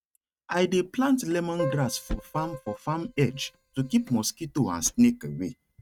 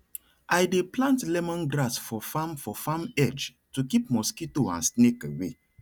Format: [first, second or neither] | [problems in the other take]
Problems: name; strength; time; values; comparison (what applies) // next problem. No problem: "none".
second | noise reduction (neural mask model RNNoise)